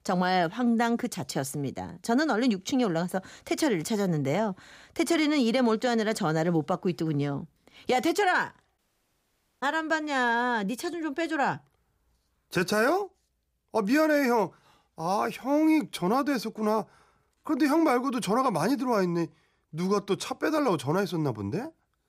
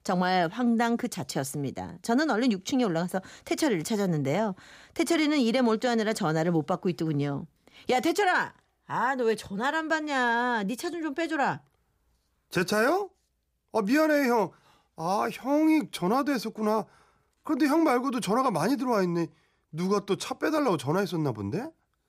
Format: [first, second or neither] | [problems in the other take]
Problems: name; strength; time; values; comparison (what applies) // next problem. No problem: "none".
second | audio cutting out; at 9 s for 1 s